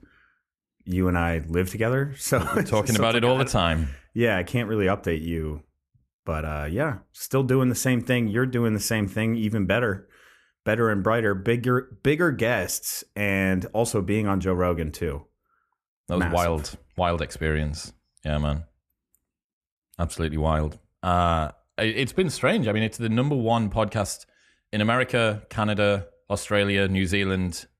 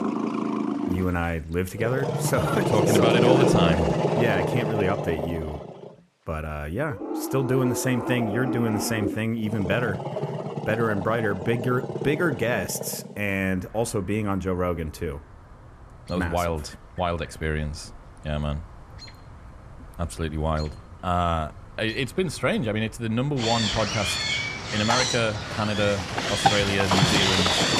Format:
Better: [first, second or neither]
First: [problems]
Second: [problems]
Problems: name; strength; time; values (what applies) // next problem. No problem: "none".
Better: first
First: none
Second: animal sounds; very loud; throughout; 1 dB above the speech